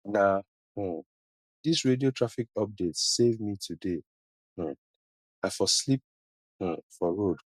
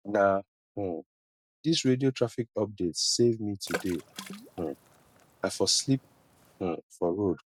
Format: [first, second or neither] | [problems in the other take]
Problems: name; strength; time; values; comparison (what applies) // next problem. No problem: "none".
first | background sound (Water / Splash, splatter); 14 dB below the speech